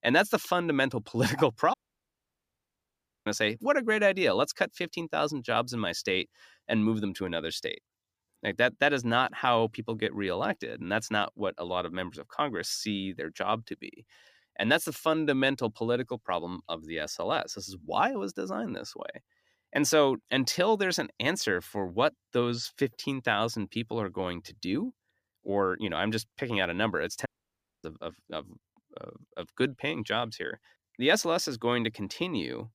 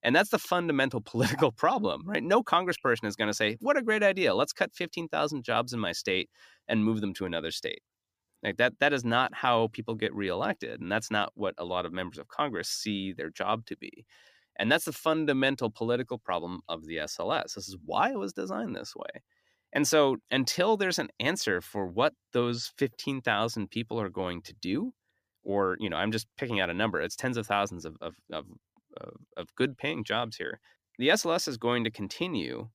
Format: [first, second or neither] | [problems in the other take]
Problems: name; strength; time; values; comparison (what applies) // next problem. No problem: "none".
second | audio cutting out; at 1.5 s for 1.5 s and at 27 s for 0.5 s